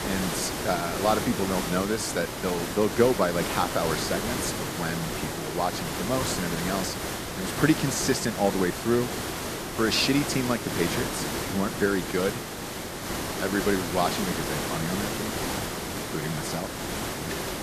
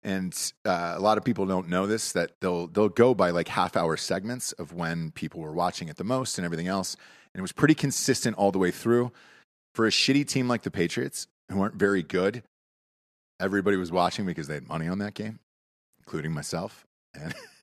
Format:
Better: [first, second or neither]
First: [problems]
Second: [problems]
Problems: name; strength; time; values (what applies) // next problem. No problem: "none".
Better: second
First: hiss; loud; throughout; 3 dB below the speech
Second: none